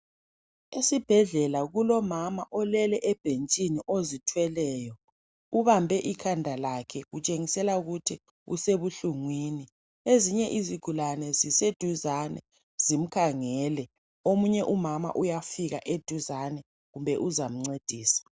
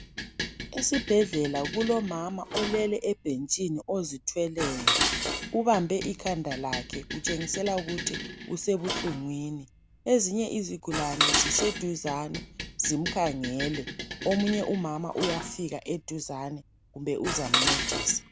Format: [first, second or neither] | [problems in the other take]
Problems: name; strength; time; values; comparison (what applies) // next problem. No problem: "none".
first | background sound (Dishes, pots, and pans); 4 dB below the speech